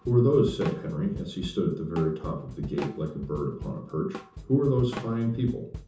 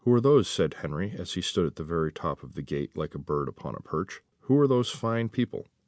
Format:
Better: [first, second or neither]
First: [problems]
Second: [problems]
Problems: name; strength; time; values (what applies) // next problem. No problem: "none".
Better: second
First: background sound (Drum kit); 14 dB below the speech // room echo; dies away in 0.6 s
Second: none